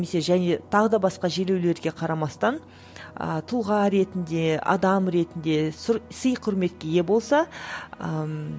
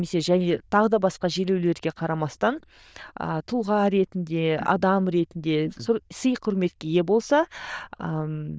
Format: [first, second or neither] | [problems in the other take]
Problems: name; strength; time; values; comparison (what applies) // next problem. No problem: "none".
first | noise reduction (neural diffusion model UNIVERSE++)